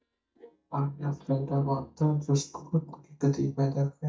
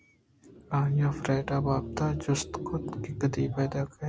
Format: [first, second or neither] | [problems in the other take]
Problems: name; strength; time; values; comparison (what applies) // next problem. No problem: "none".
second | noise reduction (neural mask model DeepFilterNet 3)